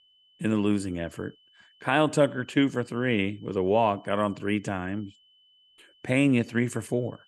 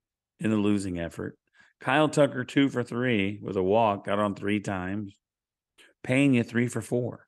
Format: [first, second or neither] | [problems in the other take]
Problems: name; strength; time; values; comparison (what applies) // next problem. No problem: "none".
second | high-pitched whine; faint; throughout; 3 kHz, 30 dB below the speech